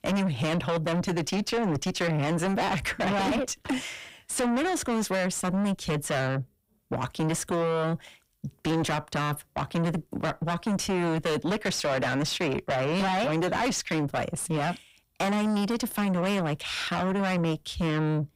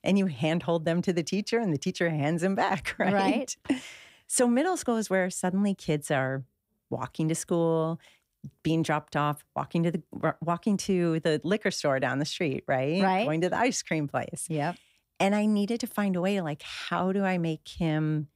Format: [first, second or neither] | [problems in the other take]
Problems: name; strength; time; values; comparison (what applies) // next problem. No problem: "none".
second | distortion; heavy; 6 dB below the speech